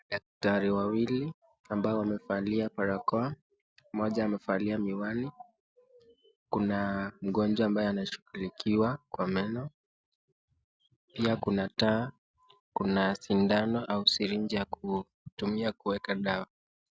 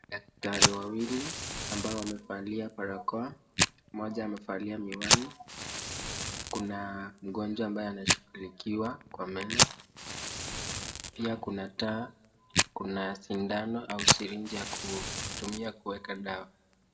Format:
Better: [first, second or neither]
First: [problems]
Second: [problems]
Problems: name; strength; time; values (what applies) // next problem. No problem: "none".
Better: first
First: none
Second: background sound (Fire); 2 dB above the speech // room echo; dies away in 0.4 s